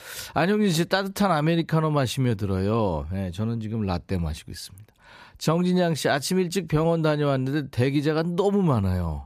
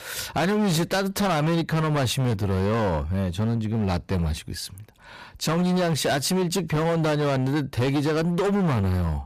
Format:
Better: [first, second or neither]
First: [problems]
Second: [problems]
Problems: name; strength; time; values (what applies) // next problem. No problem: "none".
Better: first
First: none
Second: distortion; heavy; 26% of the sound clipped